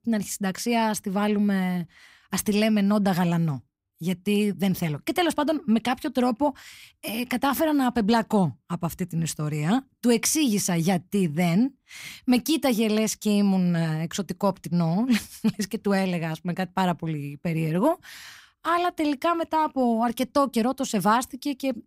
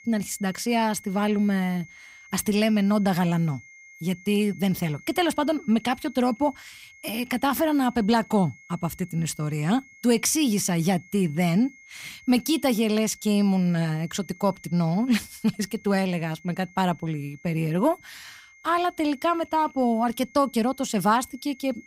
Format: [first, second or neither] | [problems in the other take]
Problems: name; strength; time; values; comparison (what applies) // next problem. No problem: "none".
first | high-pitched whine; faint; throughout; 2 kHz, 25 dB below the speech